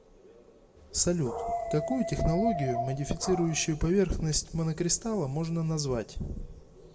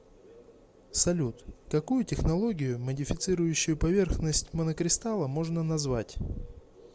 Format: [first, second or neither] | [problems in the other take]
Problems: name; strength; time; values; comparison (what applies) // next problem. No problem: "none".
second | background sound (Dog); 5 dB below the speech // room echo; dies away in 1.4 s